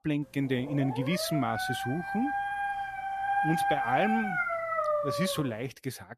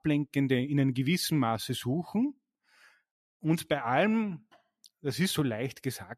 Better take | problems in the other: second | dog barking; loud; from 0.5 to 5.5 s; peak 4 dB above the speech

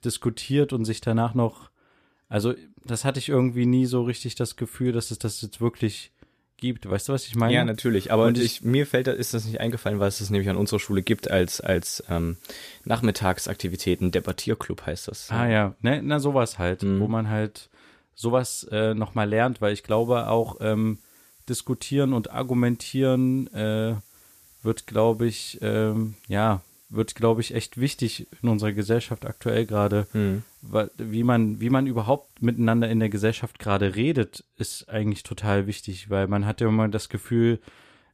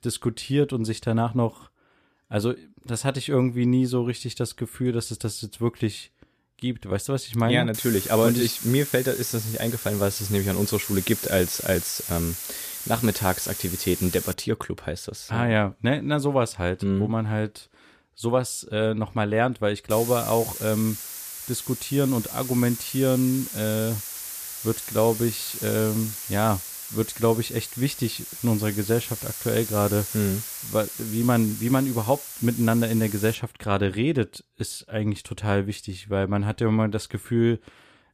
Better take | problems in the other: first | hiss; loud; from 7.5 to 14 s and from 20 to 33 s; 7 dB below the speech; faint in the first

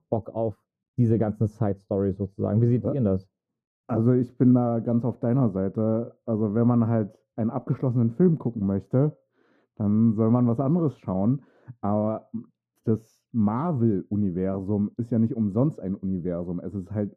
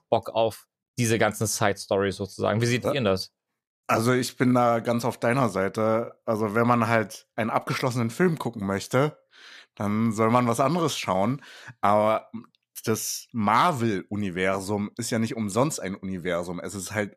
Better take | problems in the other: second | muffled; very; fading above 1 kHz

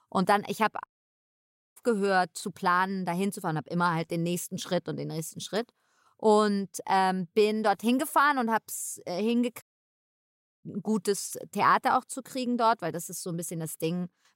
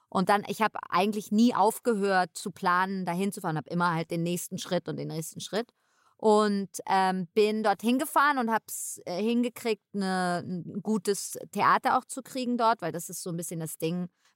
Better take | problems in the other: second | audio cutting out; at 1 s for 1 s and at 9.5 s for 1 s

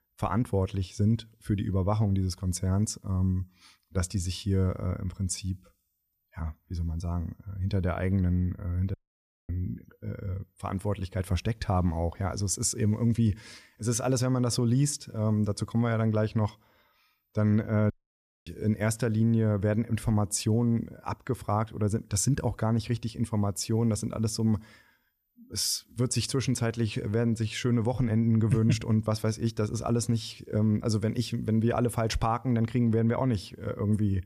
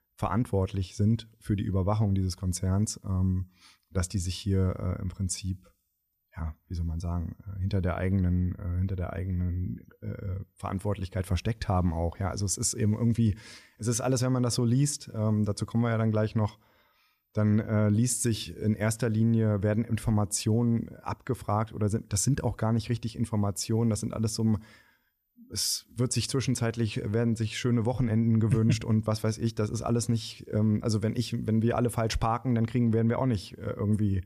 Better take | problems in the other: second | audio cutting out; at 9 s for 0.5 s and at 18 s for 0.5 s

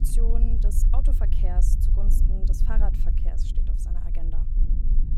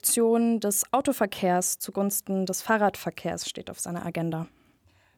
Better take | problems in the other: second | low rumble; loud; throughout; 4 dB below the speech

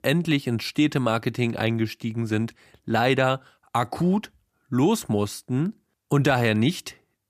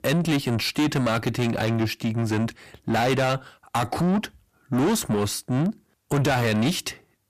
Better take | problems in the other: first | distortion; heavy; 7 dB below the speech

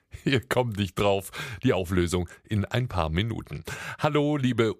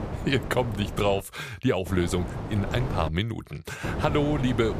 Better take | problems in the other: first | wind noise on the microphone; heavy; until 1 s, from 2 to 3 s and at 4 s; 9 dB below the speech

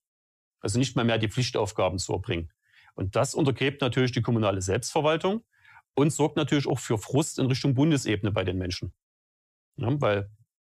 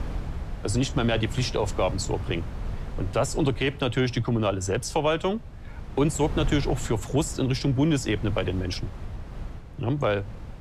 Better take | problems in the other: first | wind noise on the microphone; occasional gusts; 15 dB below the speech

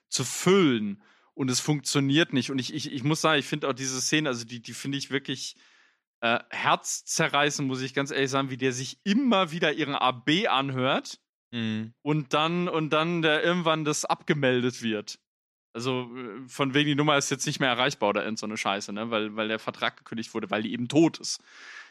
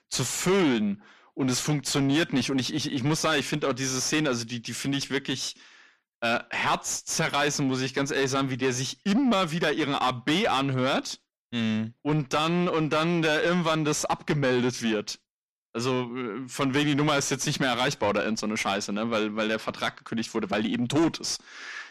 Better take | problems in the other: first | distortion; heavy; 7 dB below the speech

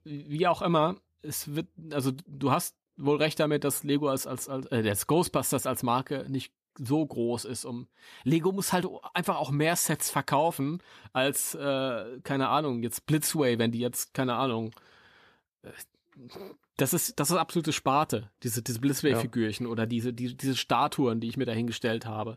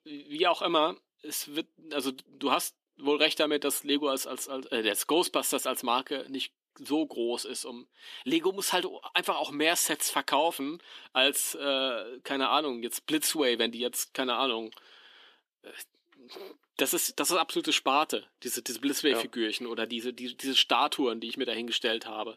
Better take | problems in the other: first | thin; very slightly; fading below 300 Hz

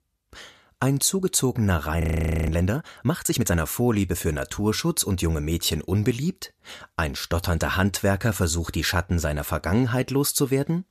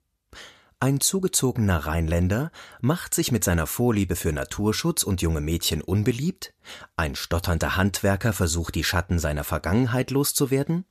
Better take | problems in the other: second | audio freezing; at 2 s

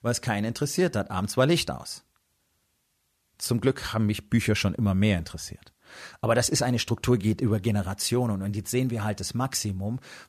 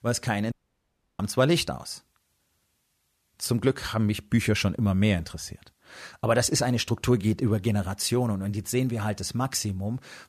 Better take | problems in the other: first | audio cutting out; at 0.5 s for 0.5 s

